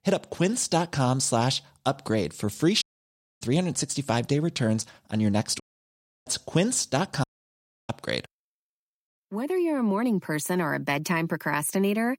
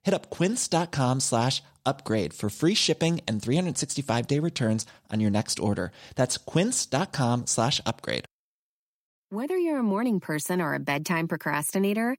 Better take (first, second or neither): second